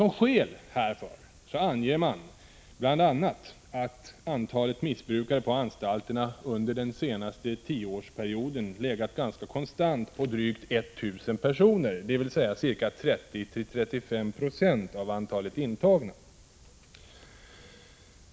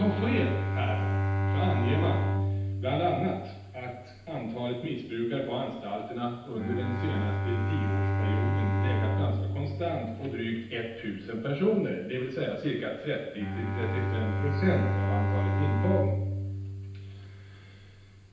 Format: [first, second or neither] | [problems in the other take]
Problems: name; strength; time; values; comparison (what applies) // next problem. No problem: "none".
first | background sound (Bowed string instrument); 2 dB above the speech // room echo; dies away in 0.9 s